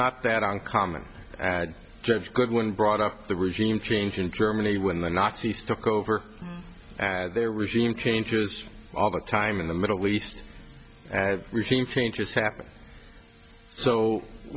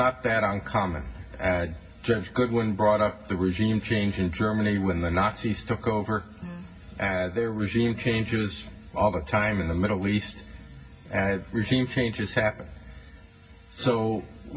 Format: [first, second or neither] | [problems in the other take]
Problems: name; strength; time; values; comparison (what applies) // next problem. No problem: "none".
first | room echo; dies away in 0.4 s